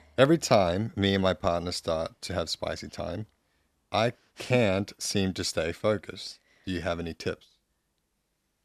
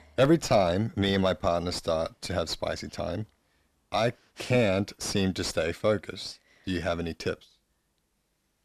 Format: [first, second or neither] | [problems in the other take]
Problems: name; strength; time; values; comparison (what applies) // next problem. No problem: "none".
first | distortion; slight; 10 dB below the speech